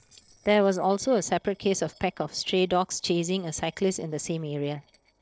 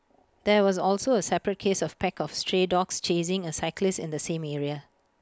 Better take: second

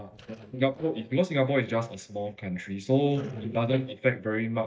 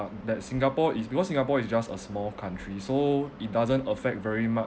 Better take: second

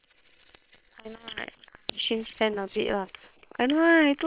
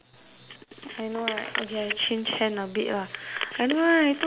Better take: second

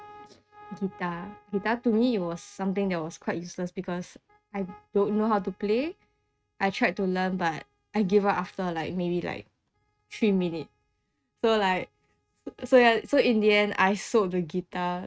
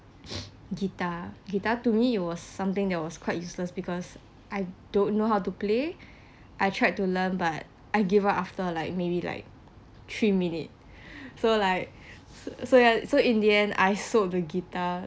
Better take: second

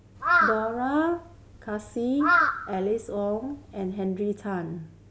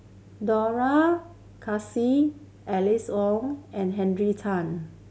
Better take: second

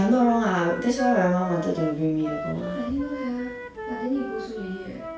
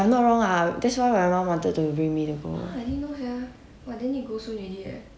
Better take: second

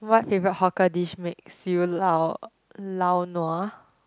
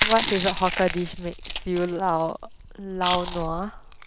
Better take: first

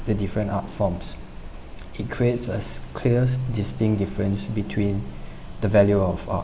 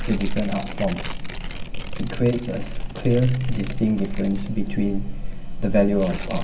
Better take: first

